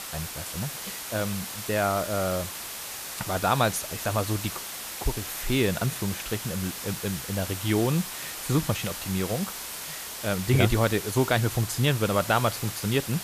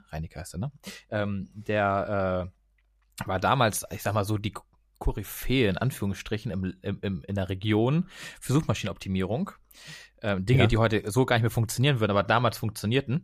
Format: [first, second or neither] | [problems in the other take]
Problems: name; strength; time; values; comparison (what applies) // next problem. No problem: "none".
second | hiss; loud; throughout; 6 dB below the speech